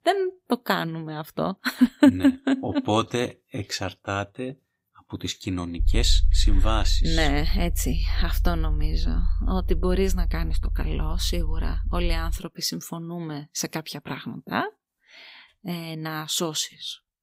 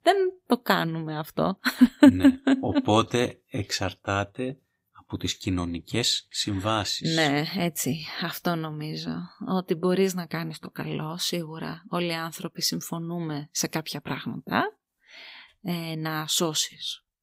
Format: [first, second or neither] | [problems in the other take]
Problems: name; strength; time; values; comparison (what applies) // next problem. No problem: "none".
second | low rumble; faint; from 6 to 12 s; 20 dB below the speech